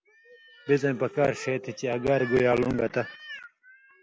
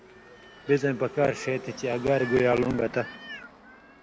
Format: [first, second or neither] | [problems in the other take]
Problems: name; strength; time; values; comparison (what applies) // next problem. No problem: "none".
first | background sound (Car passing by / Traffic noise, roadway noise); 19 dB below the speech